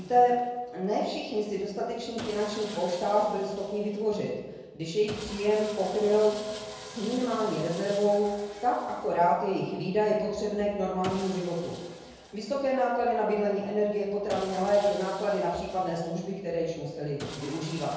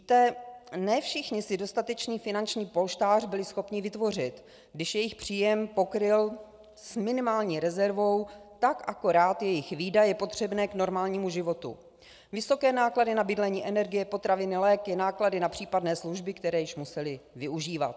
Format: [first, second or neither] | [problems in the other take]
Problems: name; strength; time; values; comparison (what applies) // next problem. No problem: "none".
second | background sound (Sawing); 17 dB below the speech // room echo; dies away in 1.2 s